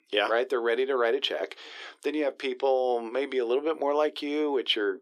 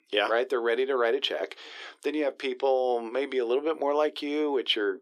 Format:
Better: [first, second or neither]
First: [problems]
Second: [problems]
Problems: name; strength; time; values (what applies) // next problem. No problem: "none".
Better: neither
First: thin; somewhat; fading below 350 Hz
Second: thin; somewhat; fading below 350 Hz